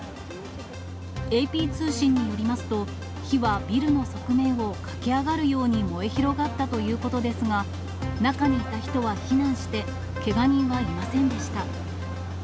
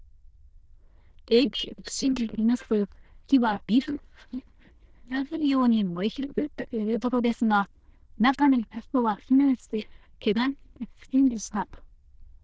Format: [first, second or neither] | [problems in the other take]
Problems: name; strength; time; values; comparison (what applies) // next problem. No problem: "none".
first | noise reduction (neural diffusion model UNIVERSE++)